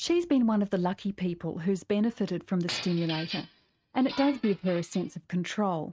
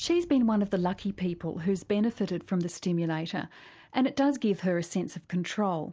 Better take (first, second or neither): second